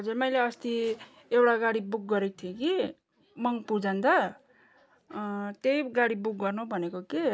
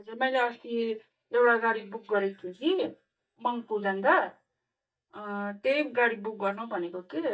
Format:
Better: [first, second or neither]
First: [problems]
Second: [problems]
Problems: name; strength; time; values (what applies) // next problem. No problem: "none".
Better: first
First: none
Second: noise reduction (neural mask model DeepFilterNet 3)